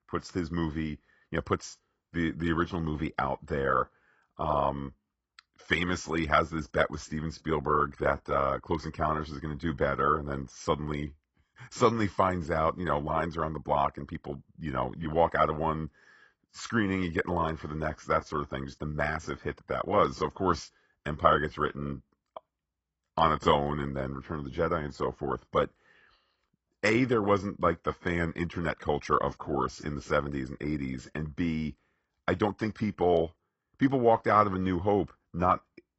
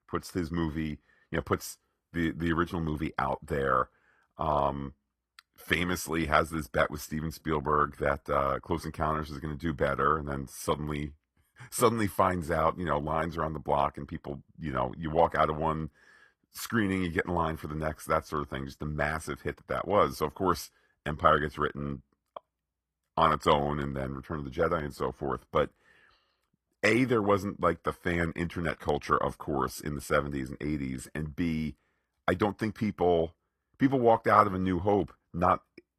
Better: second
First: garbled, watery; badly; nothing above 8 kHz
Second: garbled, watery; slightly; nothing above 14.5 kHz

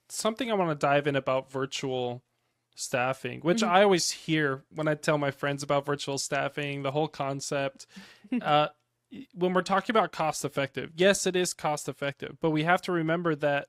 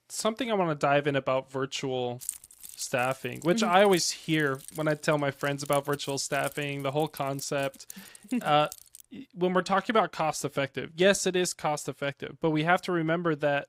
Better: first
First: none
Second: jangling keys; noticeable; from 2 to 9 s; peak 9 dB below the speech

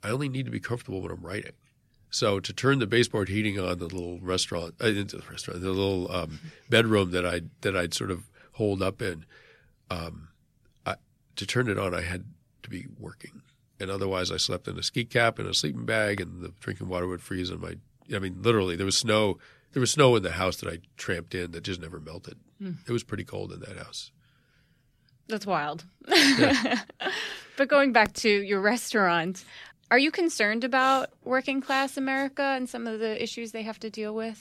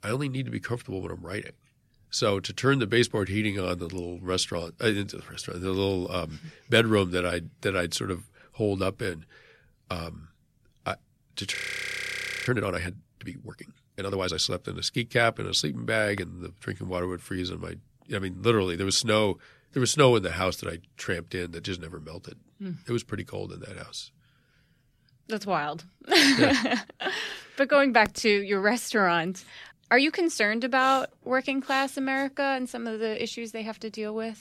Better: first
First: none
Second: audio freezing; at 12 s for 1 s

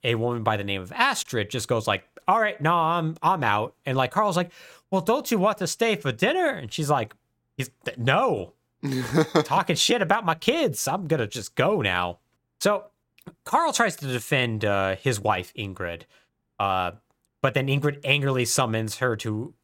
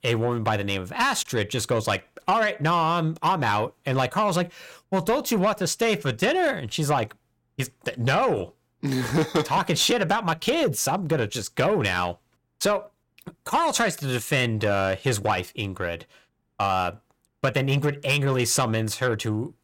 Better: first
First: none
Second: distortion; slight; 10 dB below the speech

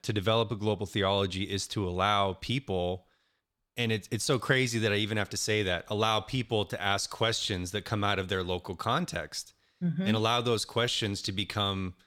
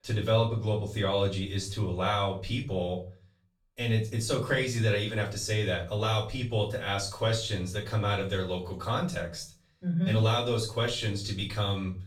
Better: first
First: none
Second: off-mic speech; far // room echo; slight; dies away in 0.4 s

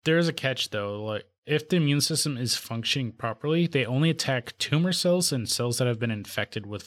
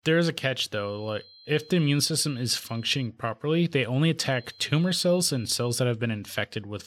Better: first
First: none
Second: high-pitched whine; faint; from 0.5 to 3 s and from 4 to 5.5 s; 4 kHz, 25 dB below the speech

